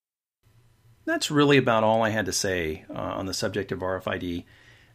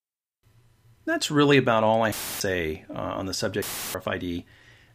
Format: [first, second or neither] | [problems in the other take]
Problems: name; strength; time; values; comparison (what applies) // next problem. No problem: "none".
first | audio cutting out; filled with static; at 2 s and at 3.5 s